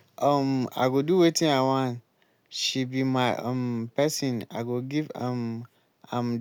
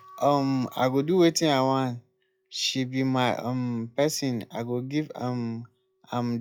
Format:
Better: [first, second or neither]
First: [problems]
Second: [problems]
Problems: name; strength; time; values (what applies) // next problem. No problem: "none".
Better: first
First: none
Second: noise reduction (classical method log-MMSE)